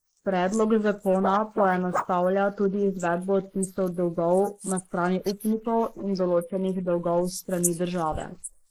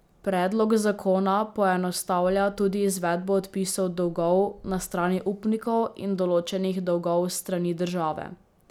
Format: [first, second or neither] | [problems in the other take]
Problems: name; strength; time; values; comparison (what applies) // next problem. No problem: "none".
second | noise reduction (neural mask model Resemble Enhance denoiser)